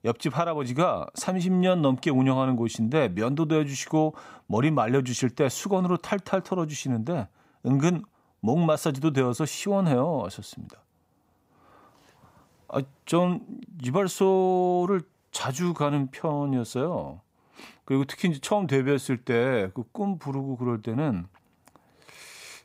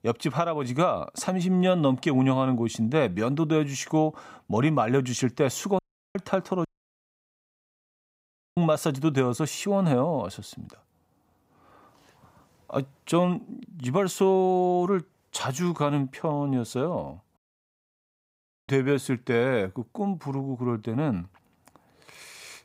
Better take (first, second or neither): first